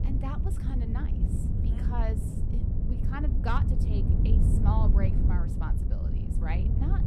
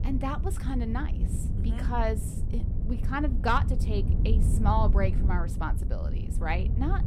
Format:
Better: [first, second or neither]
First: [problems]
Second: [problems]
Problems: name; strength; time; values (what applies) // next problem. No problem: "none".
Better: second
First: wind noise on the microphone; heavy; 2 dB below the speech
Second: wind noise on the microphone; occasional gusts; 10 dB below the speech